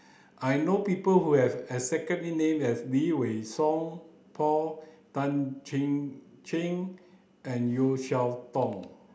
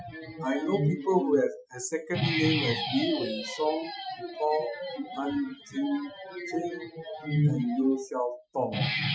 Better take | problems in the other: first | noise reduction (classical method Wiener filter)

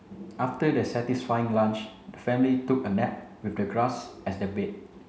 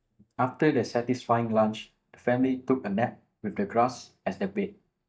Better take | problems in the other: first | noise reduction (neural mask model DeepFilterNet 3)

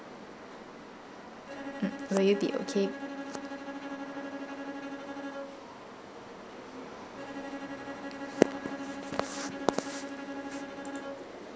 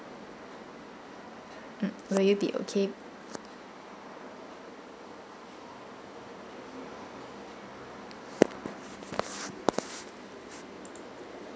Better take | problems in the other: second | background sound (Bowed string instrument); 6 dB below the speech

